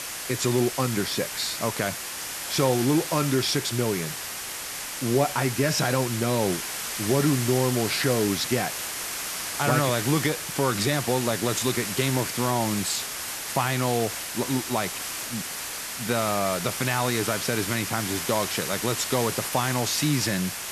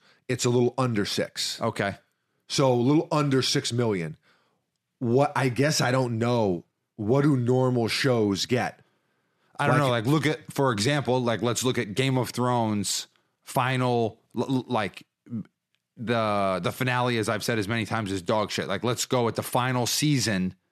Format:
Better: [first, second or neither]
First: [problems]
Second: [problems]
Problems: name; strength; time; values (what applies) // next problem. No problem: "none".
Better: second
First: hiss; loud; throughout; 4 dB below the speech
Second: none